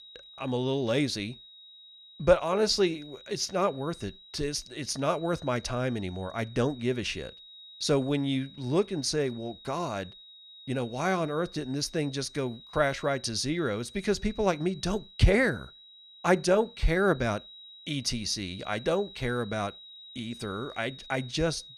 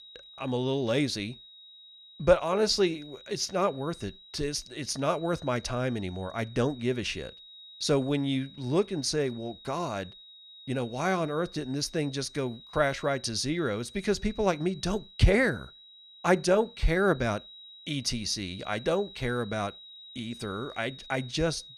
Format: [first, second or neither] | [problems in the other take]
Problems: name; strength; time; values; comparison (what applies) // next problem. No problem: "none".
neither | high-pitched whine; noticeable; throughout; 4 kHz, 20 dB below the speech; the same in both